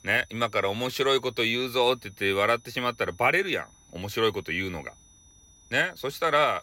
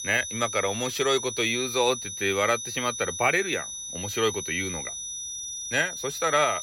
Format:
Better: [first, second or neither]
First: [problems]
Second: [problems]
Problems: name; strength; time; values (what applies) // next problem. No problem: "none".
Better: first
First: high-pitched whine; faint; throughout; 6 kHz, 30 dB below the speech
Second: high-pitched whine; loud; throughout; 6 kHz, 6 dB below the speech